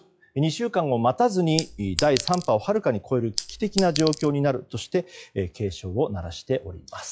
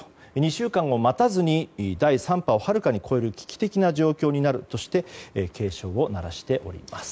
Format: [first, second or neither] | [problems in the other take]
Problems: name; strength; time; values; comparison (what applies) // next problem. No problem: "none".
second | noise reduction (classical method log-MMSE)